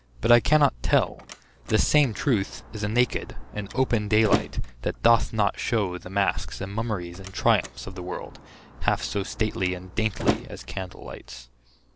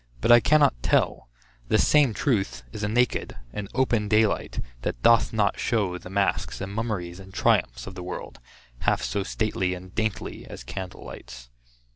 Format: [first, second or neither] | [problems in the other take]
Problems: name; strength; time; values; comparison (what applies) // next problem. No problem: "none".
second | background sound (Slam); 12 dB below the speech